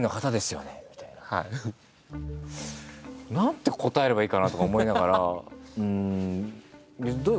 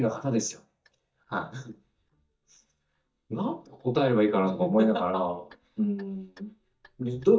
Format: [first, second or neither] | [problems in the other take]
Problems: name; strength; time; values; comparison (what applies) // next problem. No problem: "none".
first | noise reduction (neural mask model DeepFilterNet 3)